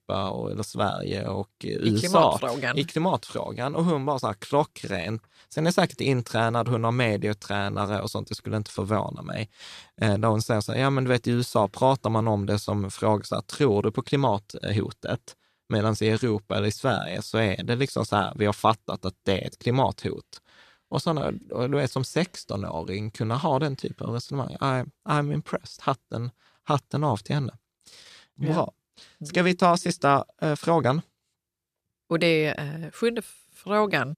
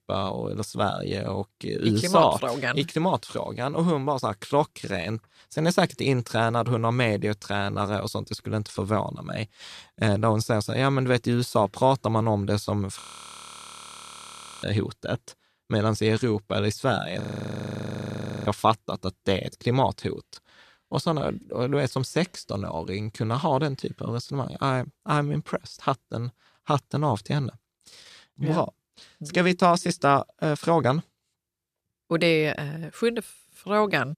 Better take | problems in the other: first | audio freezing; at 13 s for 1.5 s and at 17 s for 1.5 s

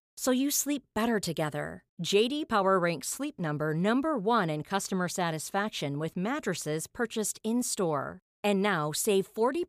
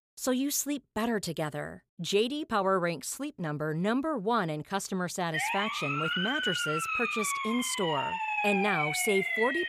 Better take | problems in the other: first | siren; loud; from 5.5 s on; peak 3 dB above the speech

